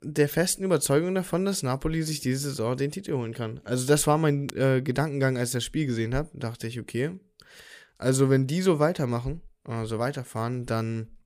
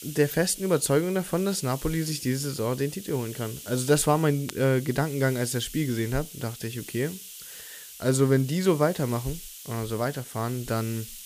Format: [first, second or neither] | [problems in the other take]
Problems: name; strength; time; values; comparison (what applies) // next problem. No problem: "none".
first | hiss; noticeable; throughout; 15 dB below the speech